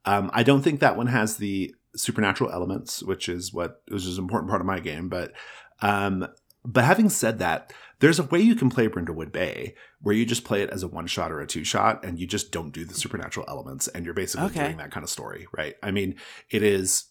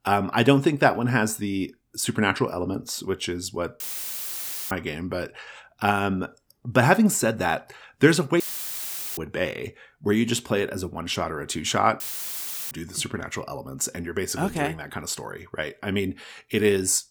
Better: first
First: none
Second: audio cutting out; filled with static; at 4 s for 1 s, at 8.5 s for 1 s and at 12 s for 0.5 s

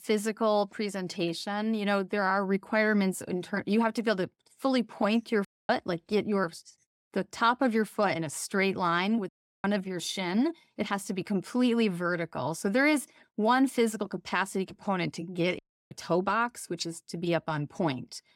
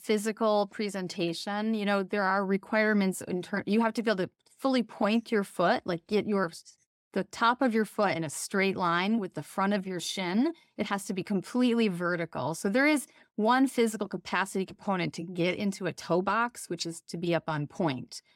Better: second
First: audio cutting out; at 5.5 s, at 9.5 s and at 16 s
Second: none

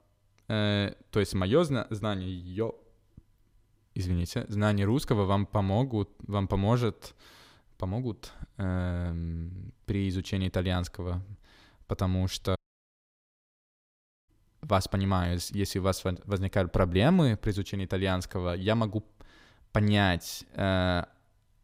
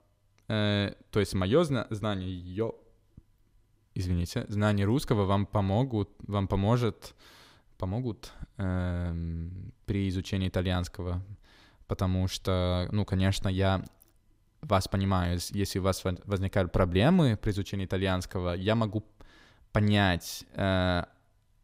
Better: second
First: audio cutting out; at 13 s for 1.5 s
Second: none

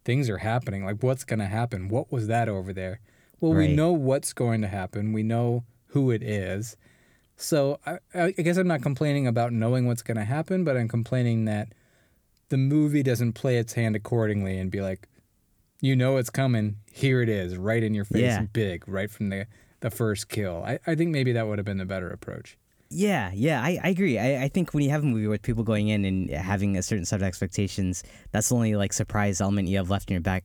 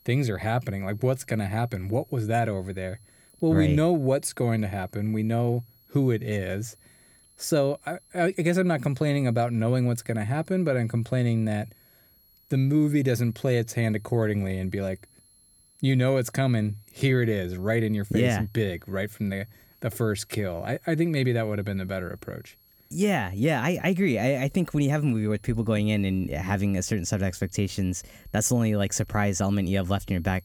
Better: first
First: none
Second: high-pitched whine; faint; throughout; 11.5 kHz, 30 dB below the speech

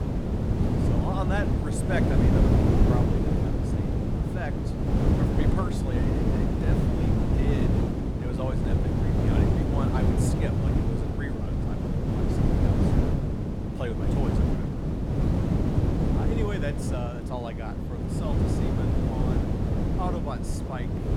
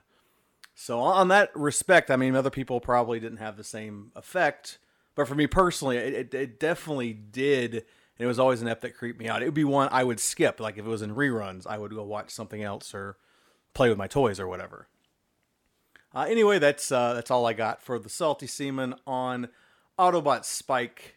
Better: second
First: wind noise on the microphone; heavy; 4 dB above the speech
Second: none

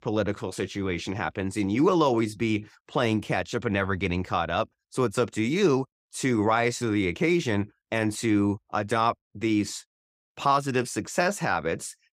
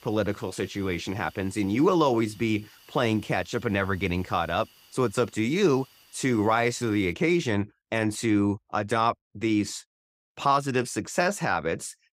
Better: first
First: none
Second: hiss; faint; until 7 s; 25 dB below the speech

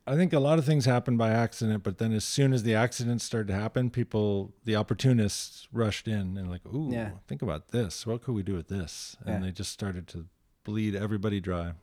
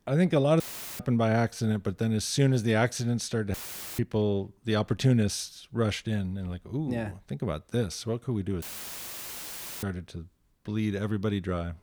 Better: first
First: none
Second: audio cutting out; filled with static; at 0.5 s, at 3.5 s and at 8.5 s for 1 s

